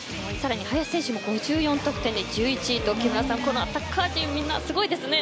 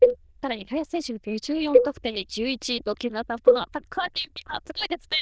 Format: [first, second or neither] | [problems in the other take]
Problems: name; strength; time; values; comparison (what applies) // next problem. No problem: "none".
first | noise reduction (neural diffusion model UNIVERSE++)